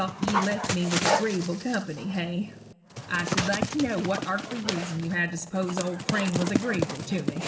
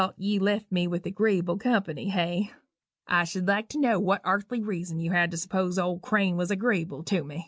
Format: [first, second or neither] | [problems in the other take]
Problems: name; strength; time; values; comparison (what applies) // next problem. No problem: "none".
second | background sound (Dog); 2 dB below the speech // room echo; dies away in 1.3 s